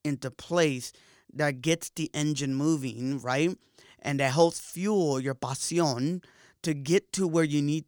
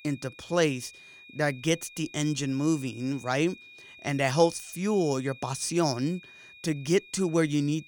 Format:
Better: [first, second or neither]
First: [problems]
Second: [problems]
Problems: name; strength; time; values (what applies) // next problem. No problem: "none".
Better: first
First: none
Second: high-pitched whine; noticeable; throughout; 2.5 kHz, 20 dB below the speech